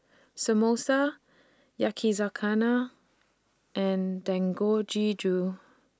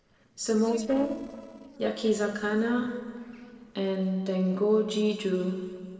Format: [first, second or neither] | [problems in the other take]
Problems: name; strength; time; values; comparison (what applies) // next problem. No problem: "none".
first | noise reduction (neural separator model SepFormer DNS4)